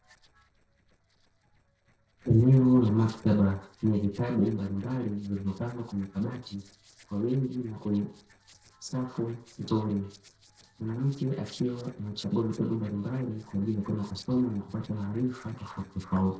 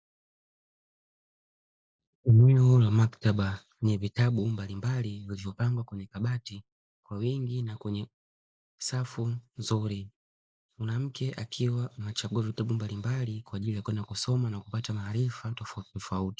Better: second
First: noise reduction (neural separator model SepFormer DNS4)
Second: none

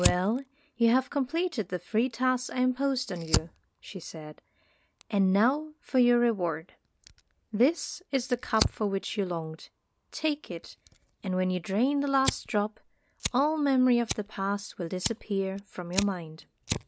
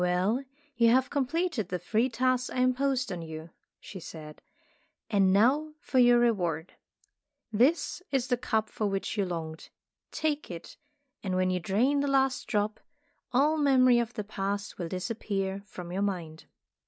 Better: second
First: background sound (Fire); 10 dB below the speech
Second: none

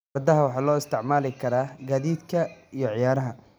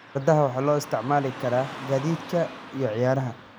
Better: first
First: none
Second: background sound (Car passing by / Traffic noise, roadway noise); 15 dB below the speech

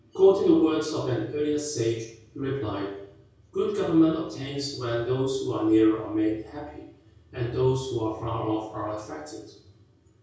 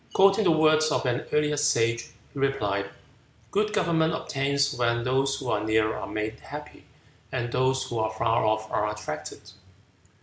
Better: second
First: room echo; dies away in 0.6 s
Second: none

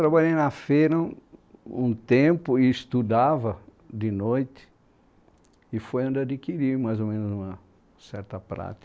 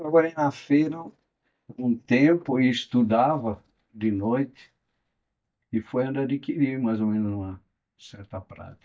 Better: first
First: none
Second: noise reduction (neural mask model DeepFilterNet 3)

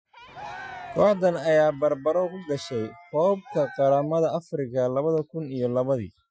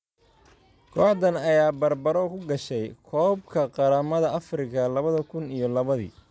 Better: second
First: noise reduction (classical method Wiener filter)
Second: none

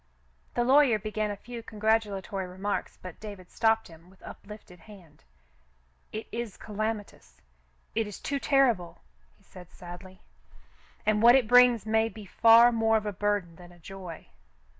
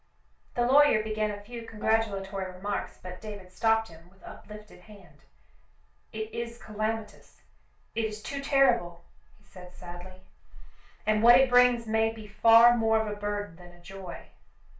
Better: first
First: none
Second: background sound (Gong); 14 dB below the speech // room echo; dies away in 0.3 s

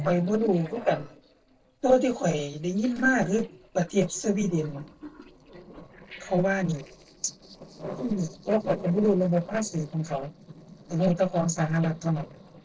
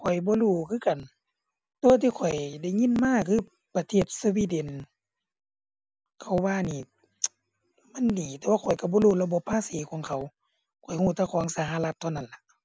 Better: second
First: noise reduction (neural separator model SepFormer DNS4)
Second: none

